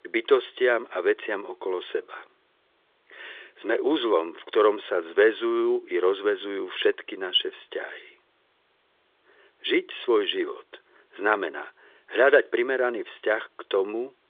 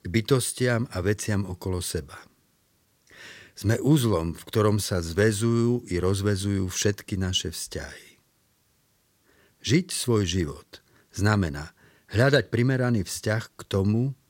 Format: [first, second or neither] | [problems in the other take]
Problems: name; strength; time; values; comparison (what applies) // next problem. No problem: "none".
second | phone-call audio; nothing above 3 kHz